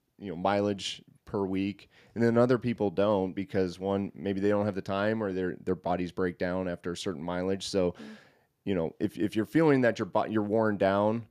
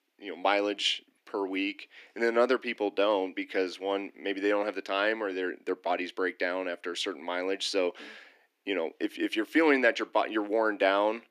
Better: first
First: none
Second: thin; somewhat; fading below 300 Hz

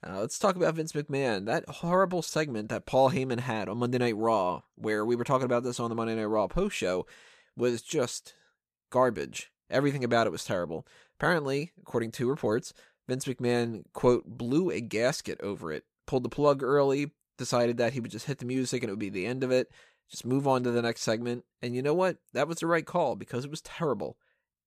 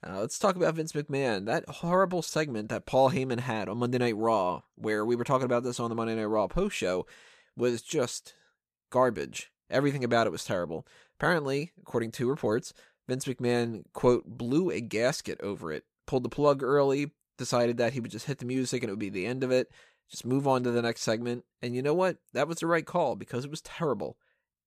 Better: neither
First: none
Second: none

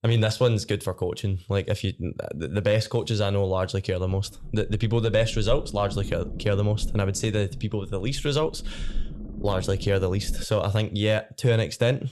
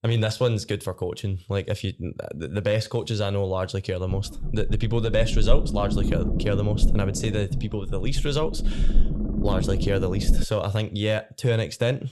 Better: first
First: low rumble; faint; from 4 to 10 s; 20 dB below the speech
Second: low rumble; loud; from 4 to 10 s; 9 dB below the speech

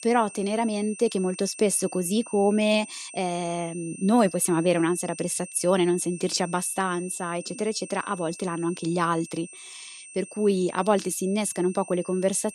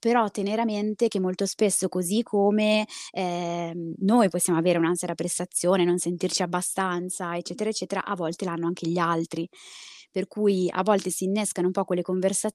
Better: second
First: high-pitched whine; noticeable; throughout; 8.5 kHz, 15 dB below the speech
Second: none

